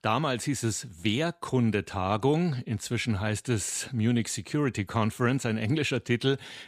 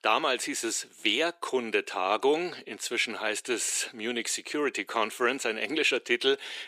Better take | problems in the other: first | thin; somewhat; fading below 350 Hz

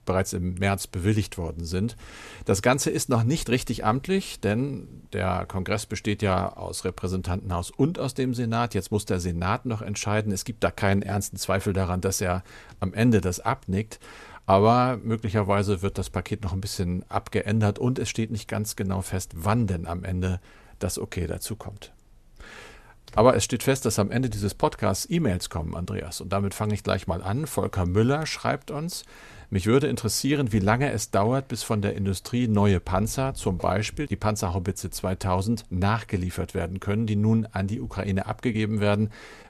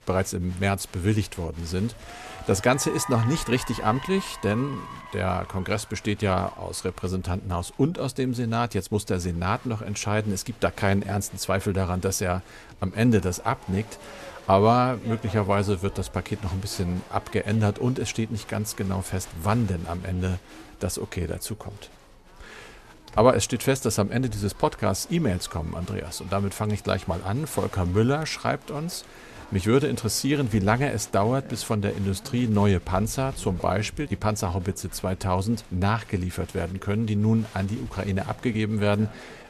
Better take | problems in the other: first | crowd noise; noticeable; throughout; 20 dB below the speech

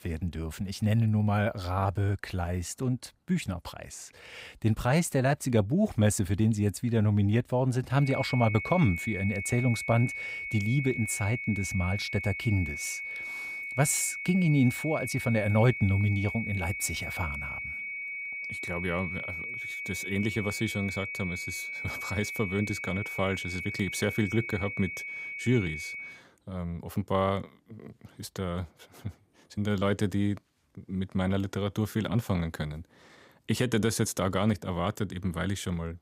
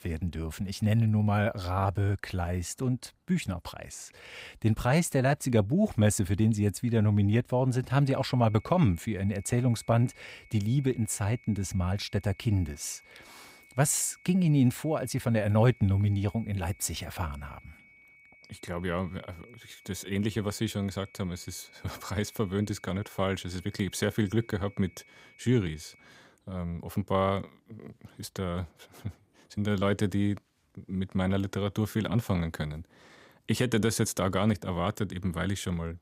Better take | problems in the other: second | high-pitched whine; loud; from 8 to 26 s; 2 kHz, 5 dB below the speech; faint in the second

